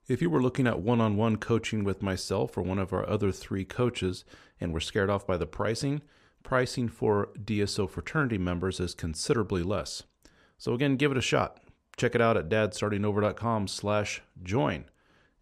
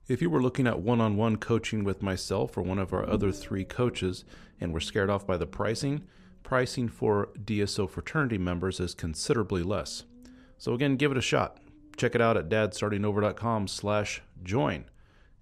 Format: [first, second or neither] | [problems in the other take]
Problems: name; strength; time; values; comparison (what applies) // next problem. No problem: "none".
first | low rumble; faint; throughout; 25 dB below the speech